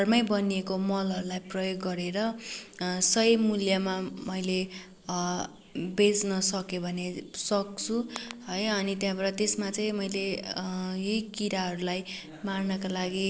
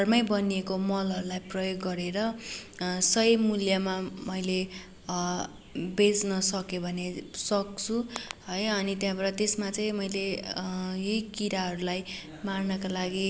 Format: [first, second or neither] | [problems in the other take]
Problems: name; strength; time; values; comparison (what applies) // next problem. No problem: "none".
second | noise reduction (neural separator model SepFormer DNS4)